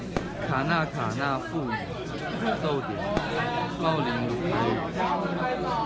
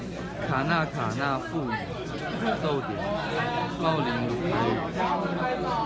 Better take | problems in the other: second | background sound (Fireworks); 15 dB below the speech

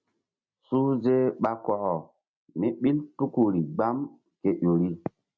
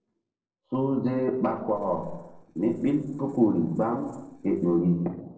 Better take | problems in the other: first | noise reduction (neural separator model SepFormer DNS4)

